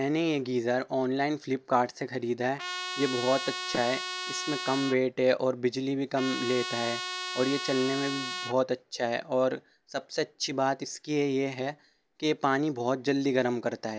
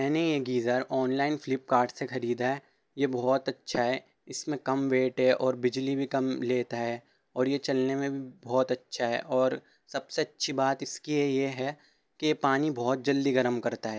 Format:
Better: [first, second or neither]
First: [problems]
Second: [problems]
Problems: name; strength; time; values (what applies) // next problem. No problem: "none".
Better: second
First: background sound (Trumpet); 6 dB below the speech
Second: none